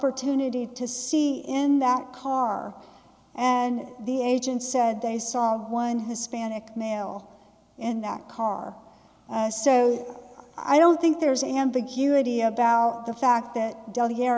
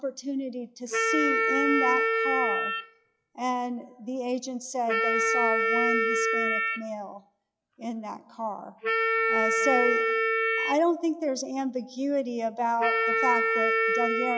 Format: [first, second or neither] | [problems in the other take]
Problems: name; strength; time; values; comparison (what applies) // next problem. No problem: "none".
first | noise reduction (classical method log-MMSE)